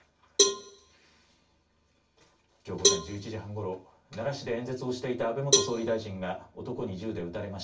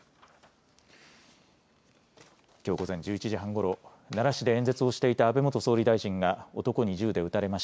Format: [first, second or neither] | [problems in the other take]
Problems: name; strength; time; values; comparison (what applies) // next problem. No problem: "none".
second | background sound (Cowbell); 3 dB above the speech // room echo; dies away in 0.3 s